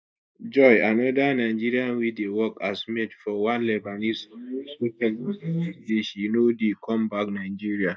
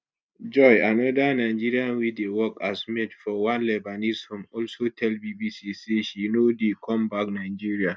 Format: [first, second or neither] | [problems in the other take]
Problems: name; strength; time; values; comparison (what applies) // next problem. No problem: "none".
second | noise reduction (neural mask model Resemble Enhance denoiser)